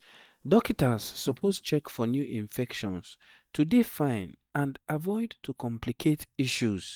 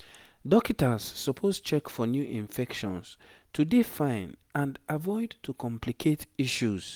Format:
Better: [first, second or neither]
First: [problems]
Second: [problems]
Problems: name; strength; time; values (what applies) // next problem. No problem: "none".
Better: second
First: noise reduction (neural mask model DeepFilterNet 3)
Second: none